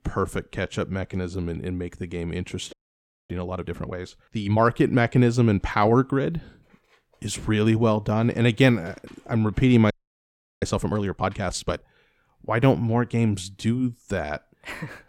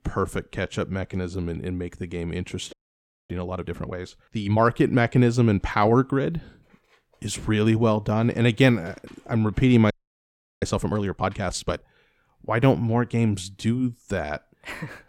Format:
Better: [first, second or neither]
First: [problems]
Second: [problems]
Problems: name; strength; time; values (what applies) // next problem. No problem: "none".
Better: neither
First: audio freezing; at 2.5 s for 0.5 s and at 10 s for 0.5 s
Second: audio freezing; at 2.5 s for 0.5 s and at 10 s for 0.5 s